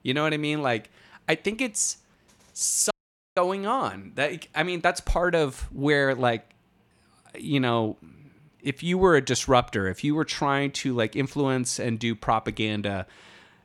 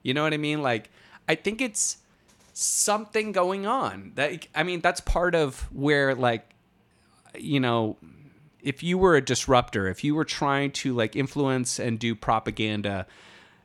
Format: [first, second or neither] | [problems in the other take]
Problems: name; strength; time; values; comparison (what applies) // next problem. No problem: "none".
second | audio cutting out; at 3 s